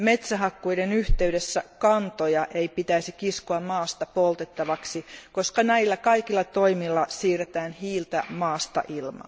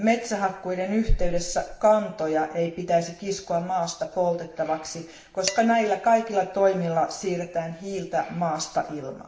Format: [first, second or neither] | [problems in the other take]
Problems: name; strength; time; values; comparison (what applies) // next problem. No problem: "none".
first | background sound (Dishes, pots, and pans); 15 dB below the speech // room echo; dies away in 0.6 s